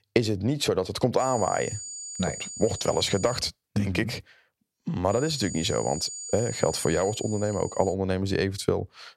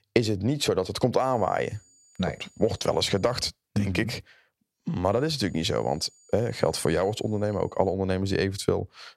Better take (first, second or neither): second